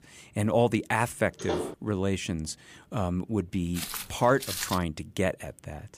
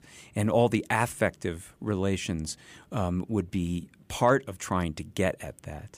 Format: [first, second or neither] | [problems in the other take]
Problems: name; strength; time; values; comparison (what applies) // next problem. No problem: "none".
second | door banging; noticeable; at 1.5 s; peak 4 dB below the speech // footsteps; noticeable; from 3.5 to 5 s; peak 3 dB below the speech